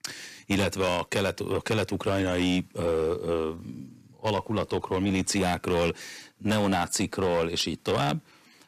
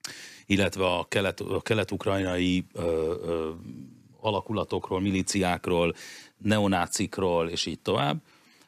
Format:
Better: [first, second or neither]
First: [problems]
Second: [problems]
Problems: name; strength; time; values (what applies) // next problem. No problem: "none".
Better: second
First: distortion; slight; 8% of the sound clipped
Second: none